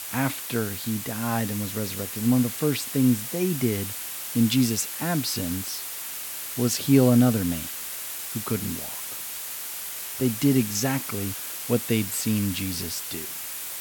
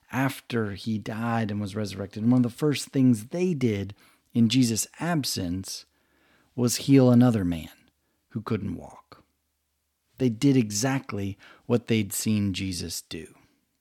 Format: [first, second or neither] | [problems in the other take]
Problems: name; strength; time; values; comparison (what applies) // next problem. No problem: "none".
second | hiss; loud; throughout; 6 dB below the speech